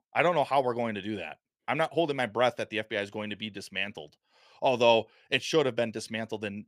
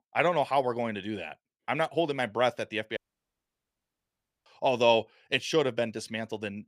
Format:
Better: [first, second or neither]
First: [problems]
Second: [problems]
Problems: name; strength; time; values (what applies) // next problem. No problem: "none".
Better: first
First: none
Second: audio cutting out; at 3 s for 1.5 s